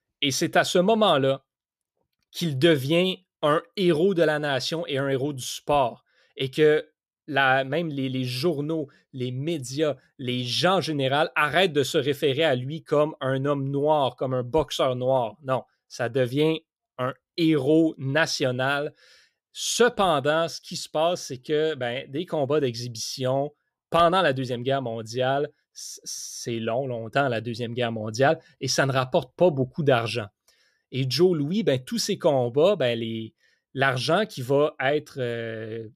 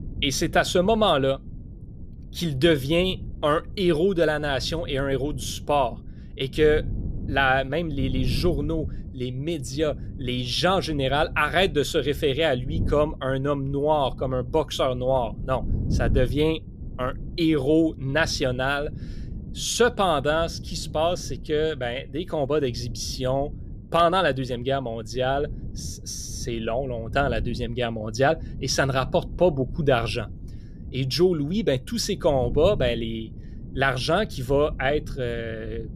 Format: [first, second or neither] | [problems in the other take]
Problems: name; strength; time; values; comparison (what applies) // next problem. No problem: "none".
first | wind noise on the microphone; occasional gusts; 20 dB below the speech